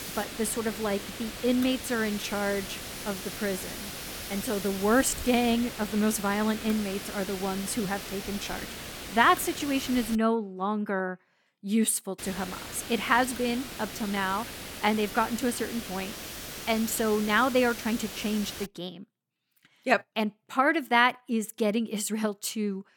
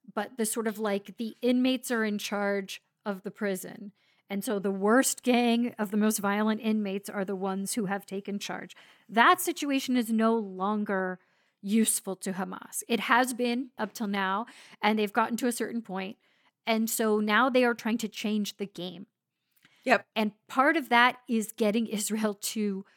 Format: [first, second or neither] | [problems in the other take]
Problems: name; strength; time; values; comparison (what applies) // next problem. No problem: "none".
second | hiss; loud; until 10 s and from 12 to 19 s; 9 dB below the speech